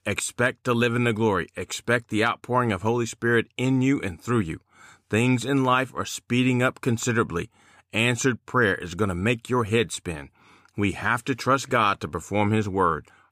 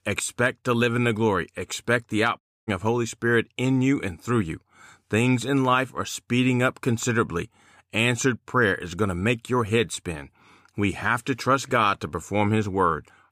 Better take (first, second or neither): first